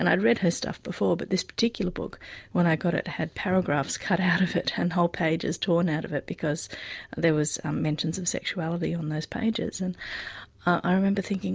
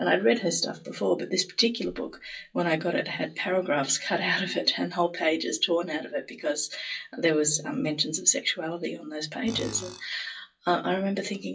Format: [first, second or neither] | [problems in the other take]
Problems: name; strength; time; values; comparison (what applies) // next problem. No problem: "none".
first | noise reduction (classical method WPE with log-MMSE)